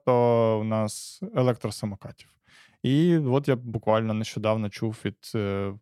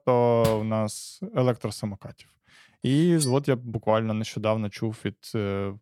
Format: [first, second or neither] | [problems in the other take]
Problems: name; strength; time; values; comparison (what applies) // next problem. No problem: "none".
first | door banging; noticeable; at 0.5 s; peak 7 dB below the speech // clattering dishes; noticeable; at 3 s; peak 6 dB below the speech